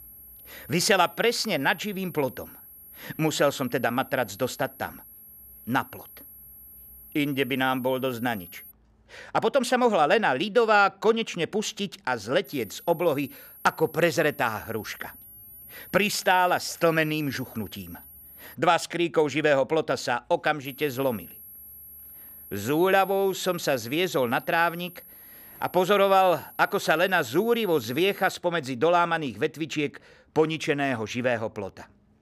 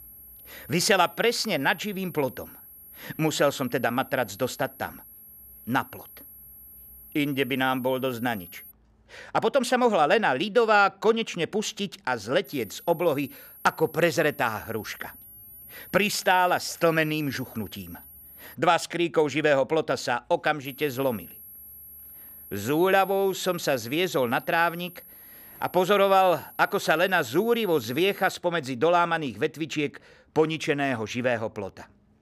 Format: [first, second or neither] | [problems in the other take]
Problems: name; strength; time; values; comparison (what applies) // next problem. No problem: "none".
neither | high-pitched whine; noticeable; until 8.5 s, from 12 to 19 s and from 21 to 28 s; 11.5 kHz, 20 dB below the speech; the same in both